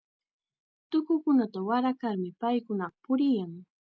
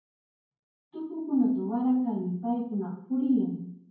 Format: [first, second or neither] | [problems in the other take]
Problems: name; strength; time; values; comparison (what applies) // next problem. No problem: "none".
first | room echo; dies away in 0.9 s